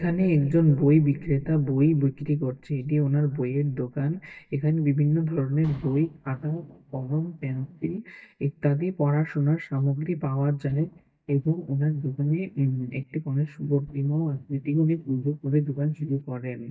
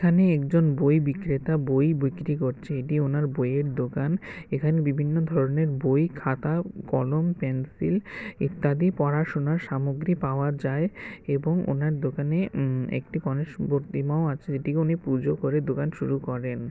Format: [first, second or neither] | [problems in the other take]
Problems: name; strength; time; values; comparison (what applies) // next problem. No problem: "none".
second | noise reduction (neural mask model DeepFilterNet 3)